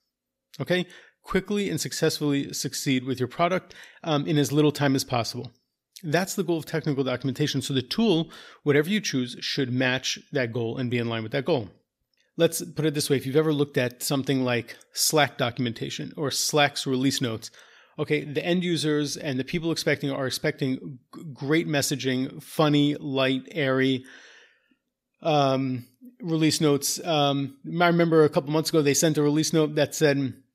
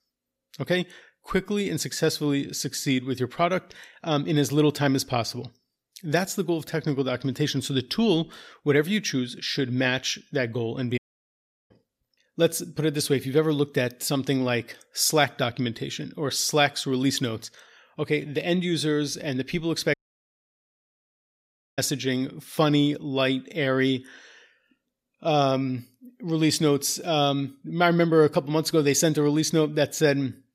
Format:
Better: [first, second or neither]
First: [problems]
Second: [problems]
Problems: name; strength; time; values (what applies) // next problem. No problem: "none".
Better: first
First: none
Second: audio cutting out; at 11 s for 0.5 s and at 20 s for 2 s